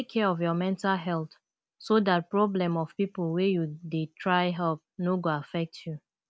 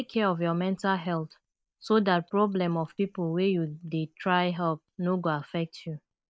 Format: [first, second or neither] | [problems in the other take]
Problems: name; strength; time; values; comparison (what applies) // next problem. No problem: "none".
first | noise reduction (neural mask model Resemble Enhance denoiser)